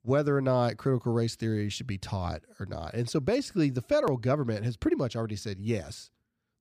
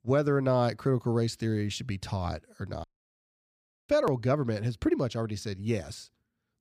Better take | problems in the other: first | audio cutting out; at 3 s for 1 s

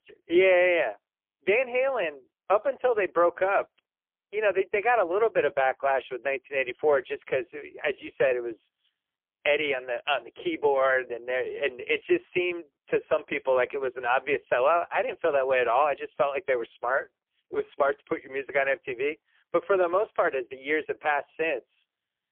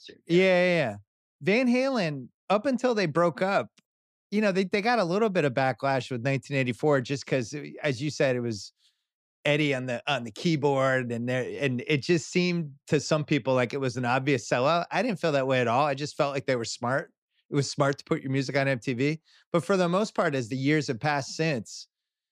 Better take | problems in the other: second | phone-call audio; poor line

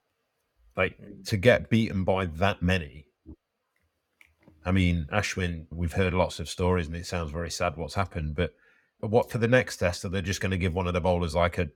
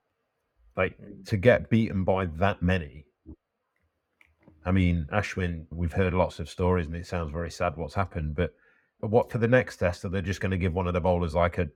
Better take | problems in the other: first | muffled; slightly; fading above 2.5 kHz

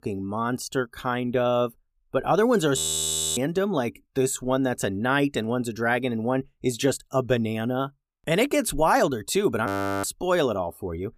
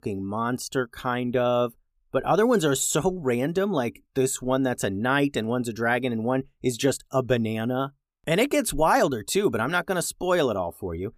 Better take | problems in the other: second | audio freezing; at 3 s for 0.5 s and at 9.5 s

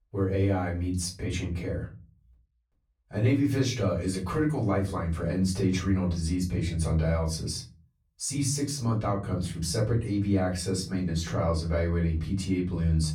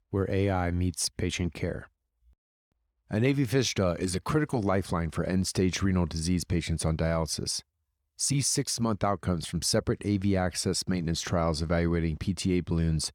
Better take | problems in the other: second | off-mic speech; far // room echo; slight; dies away in 0.4 s

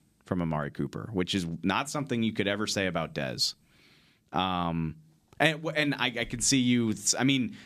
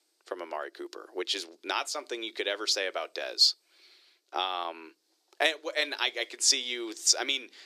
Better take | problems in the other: first | thin; very; fading below 350 Hz

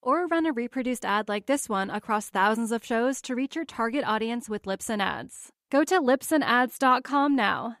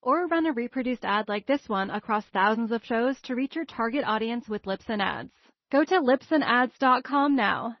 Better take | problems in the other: first | garbled, watery; slightly; nothing above 6 kHz

